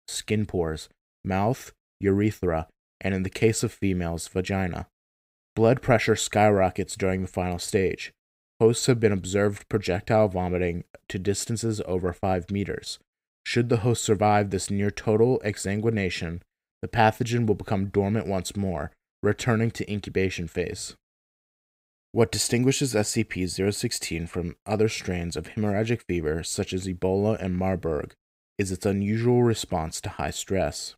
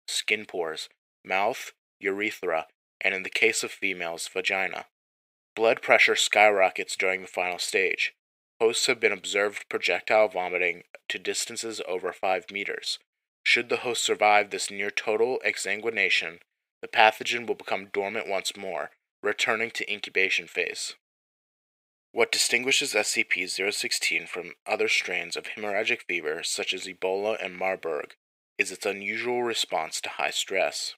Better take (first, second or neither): first